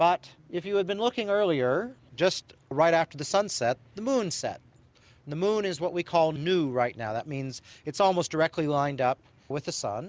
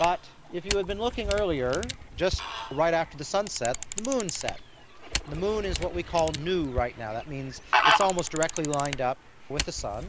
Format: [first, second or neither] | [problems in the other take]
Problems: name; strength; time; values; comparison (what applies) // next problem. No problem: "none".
first | background sound (Camera + Fowl); 3 dB below the speech